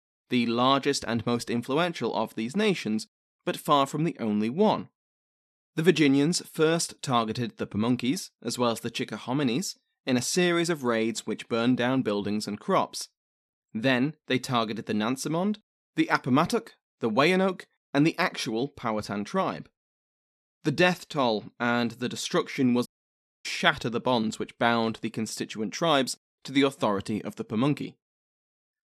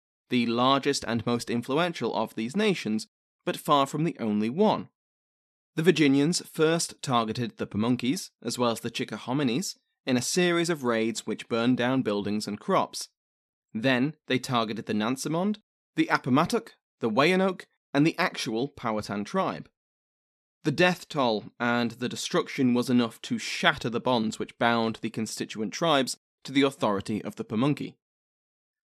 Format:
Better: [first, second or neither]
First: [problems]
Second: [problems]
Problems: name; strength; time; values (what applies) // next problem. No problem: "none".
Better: second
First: audio cutting out; at 23 s for 0.5 s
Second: none